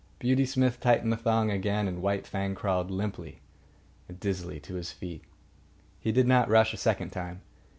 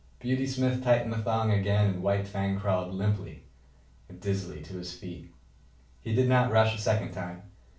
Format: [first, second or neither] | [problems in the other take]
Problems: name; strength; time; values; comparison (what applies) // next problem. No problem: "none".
first | room echo; dies away in 0.3 s